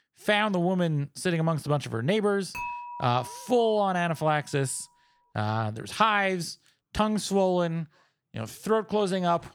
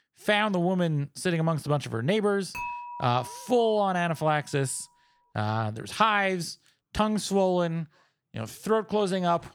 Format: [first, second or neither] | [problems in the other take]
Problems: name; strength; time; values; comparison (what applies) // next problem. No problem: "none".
neither | clattering dishes; noticeable; from 2.5 to 4 s; peak 8 dB below the speech; the same in both